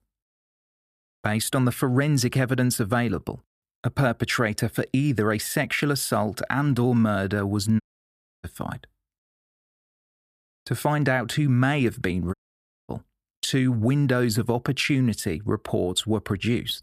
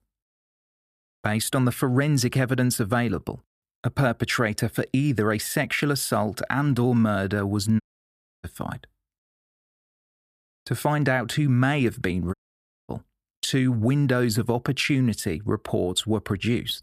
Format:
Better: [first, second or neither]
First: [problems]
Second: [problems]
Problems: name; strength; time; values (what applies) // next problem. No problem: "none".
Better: neither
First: audio cutting out; at 8 s for 0.5 s and at 12 s for 0.5 s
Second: audio cutting out; at 8 s for 0.5 s and at 12 s for 0.5 s